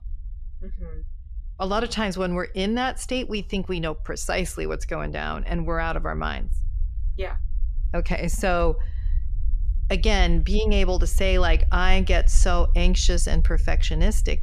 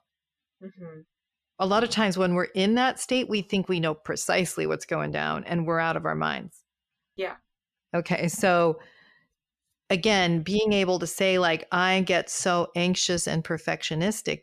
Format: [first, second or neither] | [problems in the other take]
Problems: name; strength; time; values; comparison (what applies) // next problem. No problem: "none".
second | low rumble; faint; throughout; 25 dB below the speech